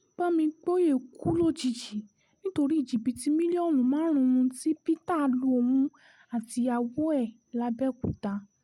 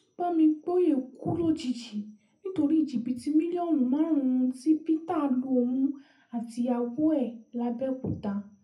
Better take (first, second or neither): first